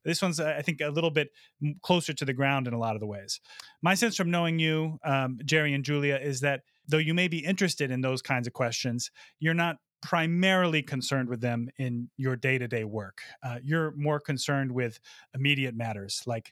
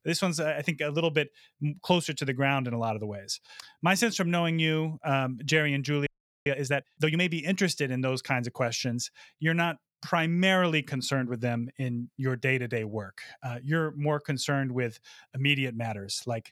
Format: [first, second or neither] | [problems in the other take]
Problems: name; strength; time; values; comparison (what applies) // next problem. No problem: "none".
first | audio freezing; at 6 s